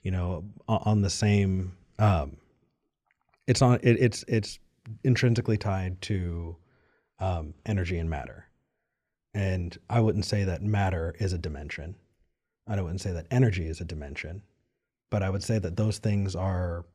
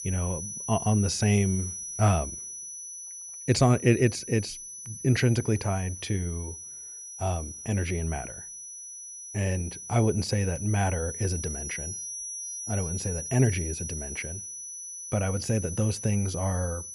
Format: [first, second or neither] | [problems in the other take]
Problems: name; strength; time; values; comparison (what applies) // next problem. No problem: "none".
first | high-pitched whine; loud; throughout; 6 kHz, 8 dB below the speech